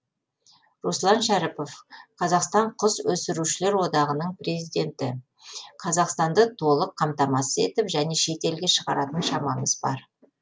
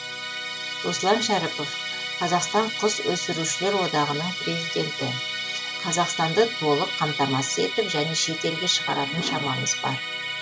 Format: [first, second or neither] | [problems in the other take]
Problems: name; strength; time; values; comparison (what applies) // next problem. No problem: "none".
first | background sound (Musical instrument); 4 dB below the speech